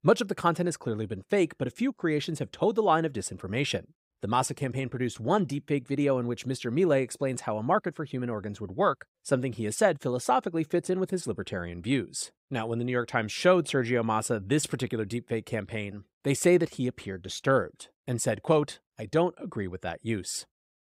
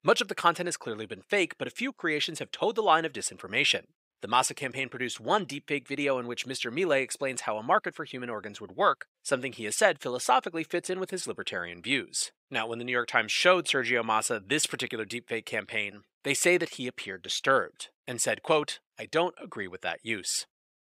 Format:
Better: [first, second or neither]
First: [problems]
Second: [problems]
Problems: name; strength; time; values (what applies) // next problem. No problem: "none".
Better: first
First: none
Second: thin; somewhat; fading below 750 Hz